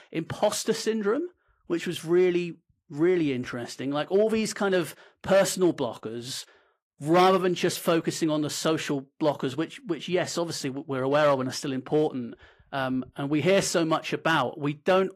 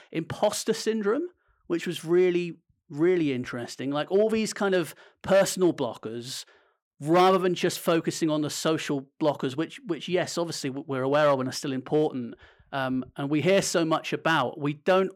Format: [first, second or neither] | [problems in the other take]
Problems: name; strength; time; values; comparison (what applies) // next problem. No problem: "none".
second | garbled, watery; slightly; nothing above 14.5 kHz